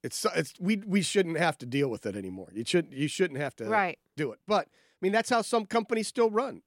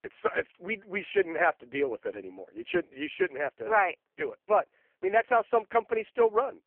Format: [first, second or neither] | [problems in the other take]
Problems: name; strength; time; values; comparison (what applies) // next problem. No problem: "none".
first | phone-call audio; poor line; nothing above 3 kHz